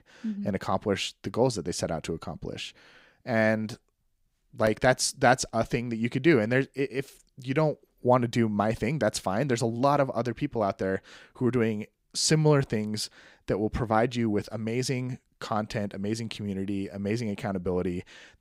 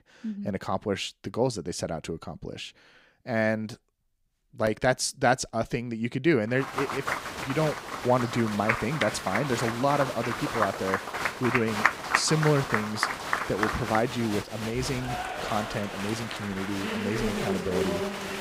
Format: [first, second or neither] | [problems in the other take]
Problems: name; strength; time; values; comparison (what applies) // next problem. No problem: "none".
first | crowd noise; loud; from 6.5 s on; 2 dB below the speech